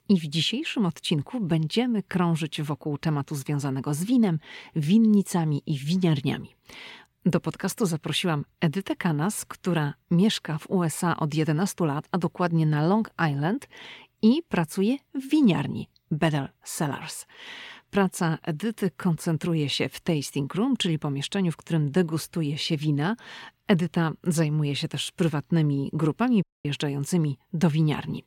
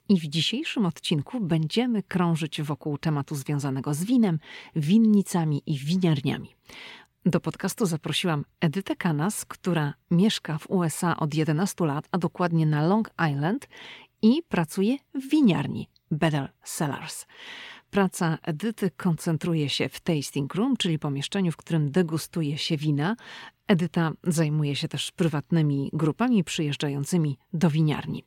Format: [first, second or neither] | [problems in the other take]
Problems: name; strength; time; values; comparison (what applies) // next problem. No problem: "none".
second | audio cutting out; at 26 s